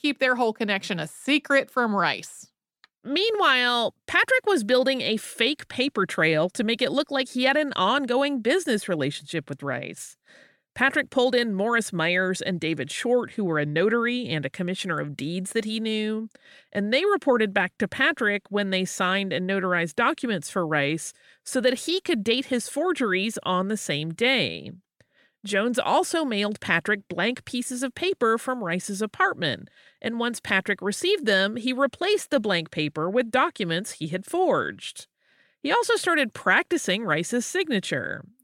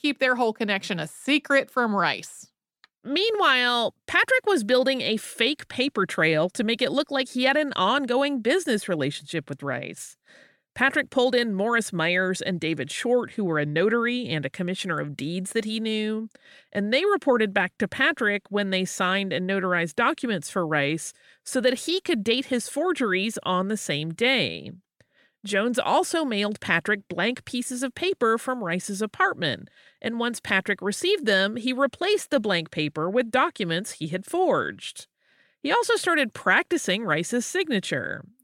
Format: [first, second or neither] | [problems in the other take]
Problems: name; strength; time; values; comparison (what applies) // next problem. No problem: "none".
neither | none